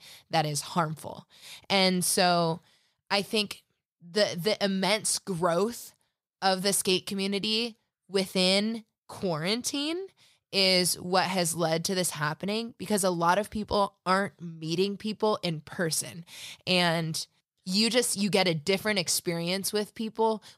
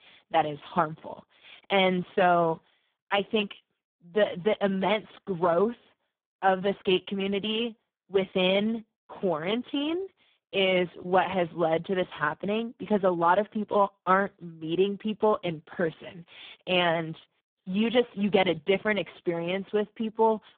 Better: first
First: none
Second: phone-call audio; poor line; nothing above 3.5 kHz

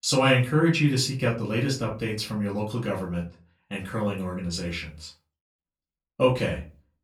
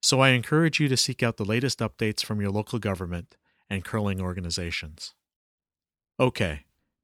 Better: second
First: off-mic speech; far // room echo; very slight; dies away in 0.3 s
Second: none

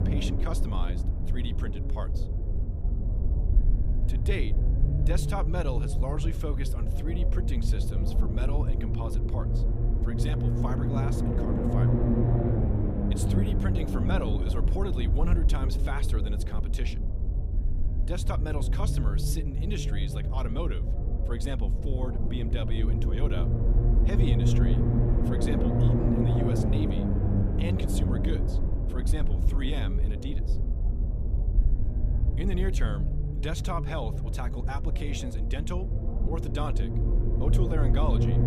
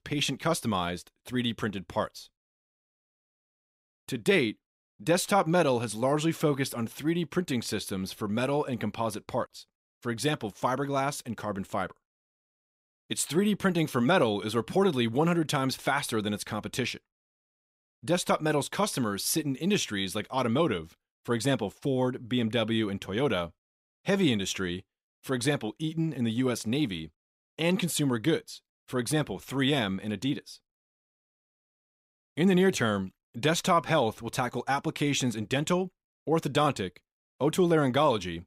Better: second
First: low rumble; loud; throughout; as loud as the speech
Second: none

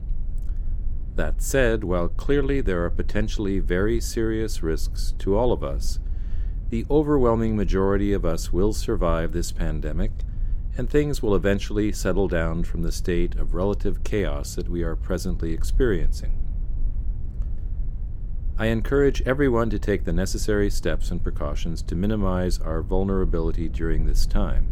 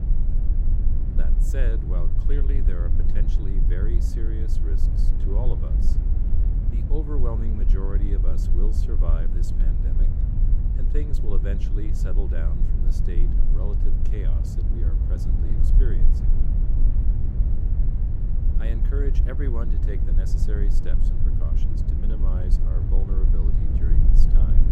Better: first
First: low rumble; faint; throughout; 25 dB below the speech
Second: low rumble; loud; throughout; 1 dB below the speech

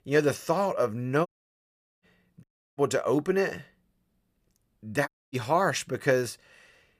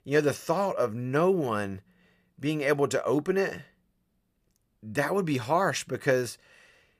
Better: second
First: audio cutting out; at 1.5 s for 1 s, at 2.5 s and at 5 s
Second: none

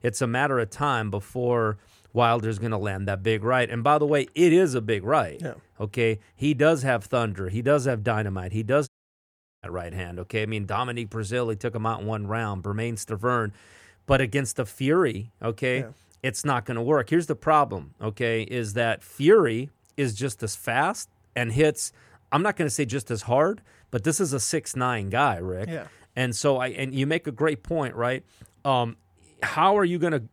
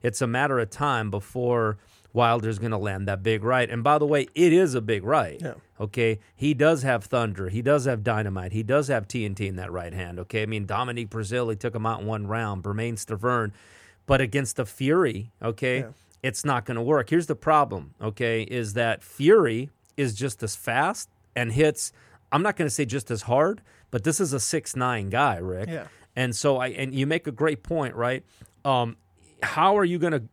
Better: second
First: audio cutting out; at 9 s for 0.5 s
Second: none

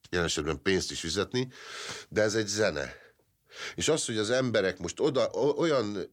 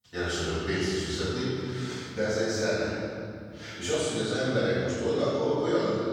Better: first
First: none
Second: off-mic speech; far // room echo; strong; dies away in 2.6 s

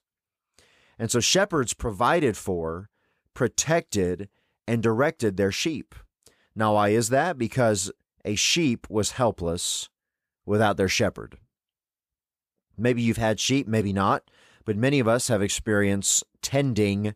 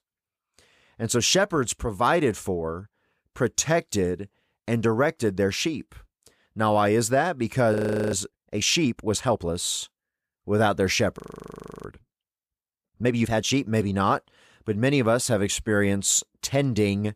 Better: first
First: none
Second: audio freezing; at 7.5 s and at 11 s for 0.5 s

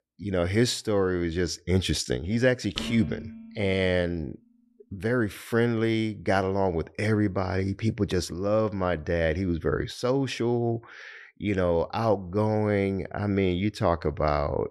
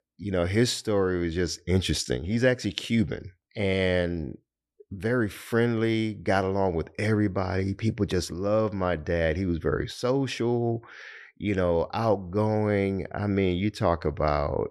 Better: second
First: clattering dishes; noticeable; from 3 to 4 s; peak 8 dB below the speech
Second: none

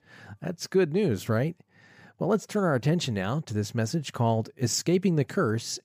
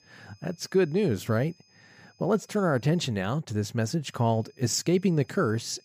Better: first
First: none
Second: high-pitched whine; faint; until 3 s and from 4 s on; 5 kHz, 35 dB below the speech

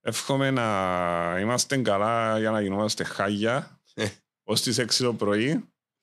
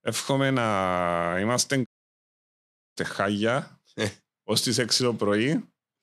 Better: first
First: none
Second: audio cutting out; at 2 s for 1 s

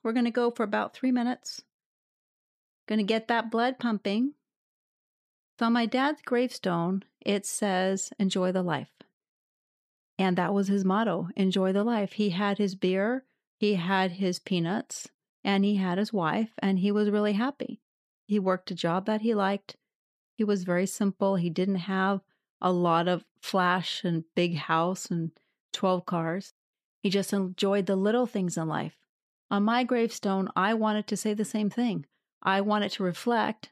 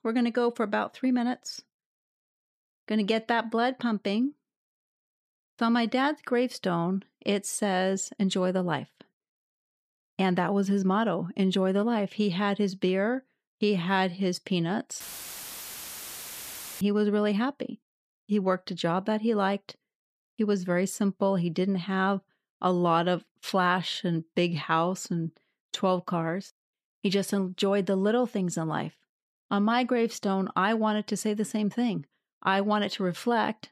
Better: first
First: none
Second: audio cutting out; filled with static; at 15 s for 2 s

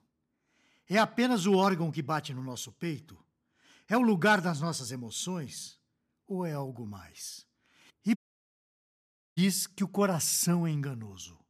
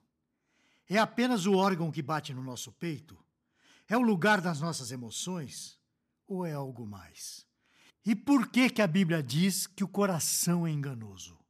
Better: second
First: audio cutting out; at 8 s for 1 s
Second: none

